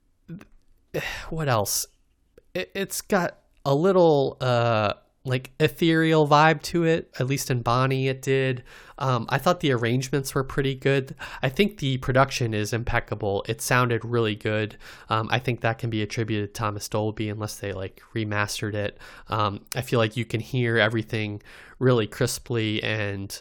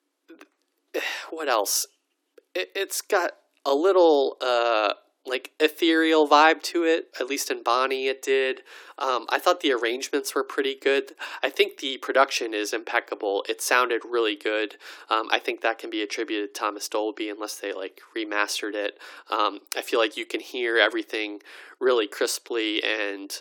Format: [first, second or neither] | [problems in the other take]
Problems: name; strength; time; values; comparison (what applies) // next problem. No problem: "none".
first | thin; very; fading below 300 Hz